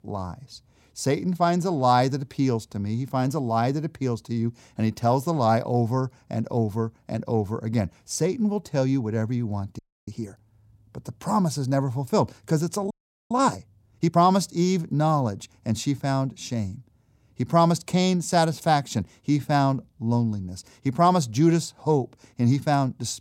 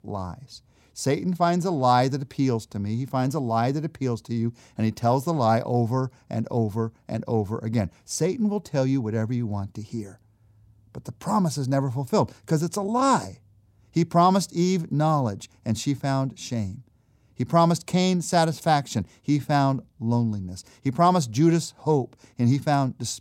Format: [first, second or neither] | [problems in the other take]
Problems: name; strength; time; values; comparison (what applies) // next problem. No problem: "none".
second | audio freezing; at 10 s and at 13 s